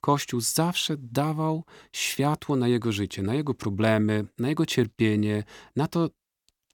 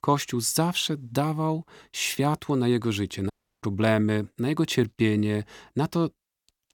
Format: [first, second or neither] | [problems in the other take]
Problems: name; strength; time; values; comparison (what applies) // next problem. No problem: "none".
first | audio cutting out; at 3.5 s